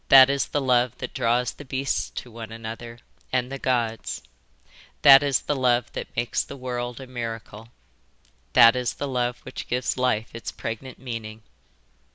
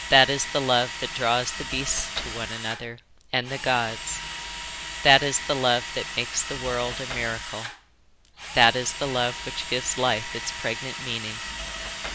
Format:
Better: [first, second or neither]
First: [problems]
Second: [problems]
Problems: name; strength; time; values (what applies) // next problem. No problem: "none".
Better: first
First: none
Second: background sound (Drill); 8 dB below the speech